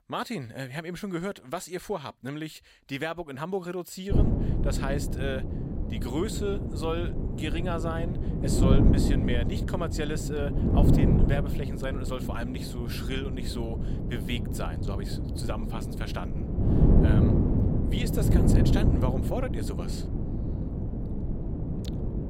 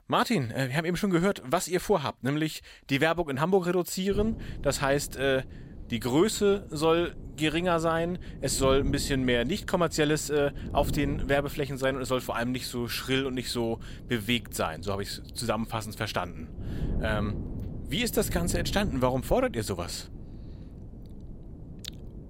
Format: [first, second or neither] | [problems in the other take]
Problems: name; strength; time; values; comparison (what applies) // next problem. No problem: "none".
second | wind noise on the microphone; heavy; from 4 s on; as loud as the speech; occasional gusts in the second